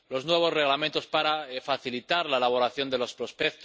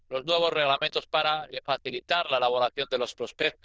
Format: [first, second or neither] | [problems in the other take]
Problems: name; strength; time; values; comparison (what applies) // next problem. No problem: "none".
first | noise reduction (neural diffusion model UNIVERSE++)